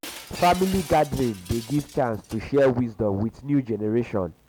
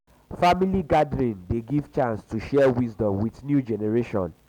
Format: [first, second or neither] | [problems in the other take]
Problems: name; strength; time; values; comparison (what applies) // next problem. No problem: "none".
second | background sound (Shatter); 18 dB below the speech